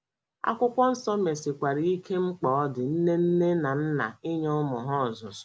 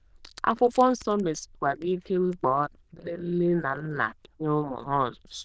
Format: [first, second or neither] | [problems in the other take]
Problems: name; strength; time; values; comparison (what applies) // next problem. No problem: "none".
first | noise reduction (neural diffusion model UNIVERSE++)